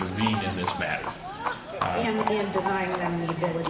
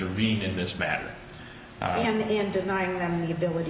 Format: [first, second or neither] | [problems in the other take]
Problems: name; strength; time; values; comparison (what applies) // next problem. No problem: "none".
second | background sound (Livestock, farm animals, working animals); 4 dB below the speech